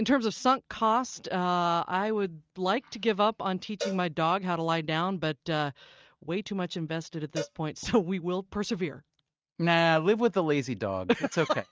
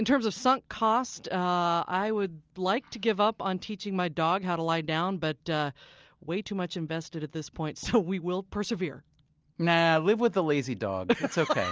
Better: second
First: noise reduction (neural mask model RNNoise)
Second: none

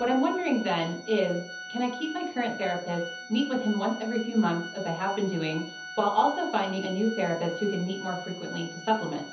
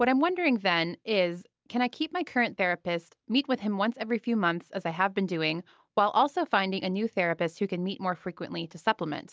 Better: second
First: background sound (Organ); 12 dB below the speech // room echo; dies away in 0.7 s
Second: none

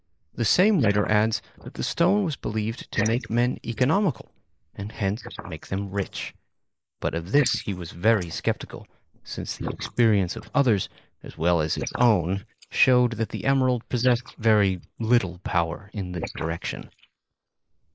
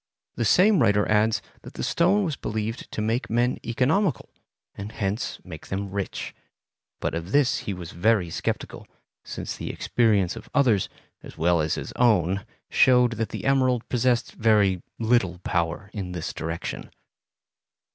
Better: second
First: noise reduction (neural mask model Resemble Enhance denoiser)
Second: none

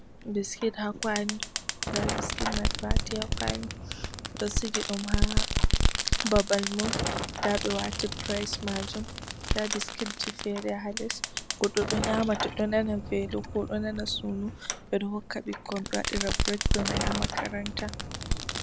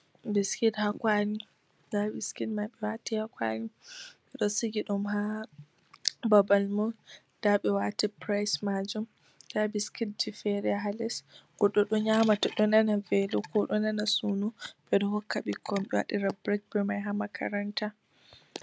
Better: second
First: background sound (Fireworks + Fire); 1 dB above the speech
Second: none

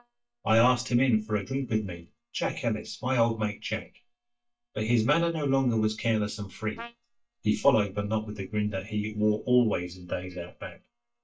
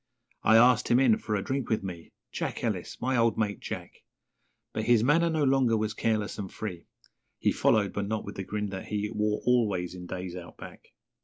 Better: second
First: noise reduction (neural mask model DeepFilterNet 3)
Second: none

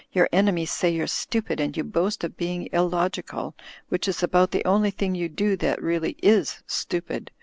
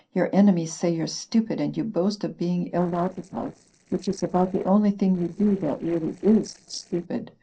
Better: first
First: none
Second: noise reduction (neural separator model SepFormer DNS4)

